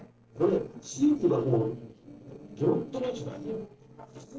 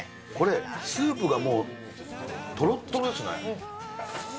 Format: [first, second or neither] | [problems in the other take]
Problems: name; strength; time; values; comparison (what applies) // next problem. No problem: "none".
second | noise reduction (neural separator model SepFormer DNS4)